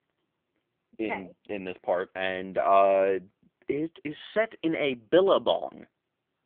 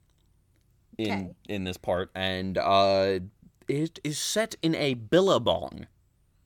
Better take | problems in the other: second | phone-call audio; poor line; nothing above 3.5 kHz

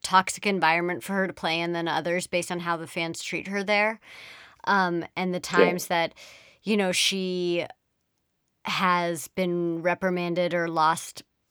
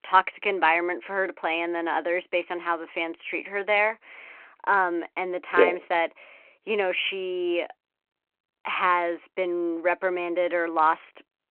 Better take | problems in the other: first | phone-call audio

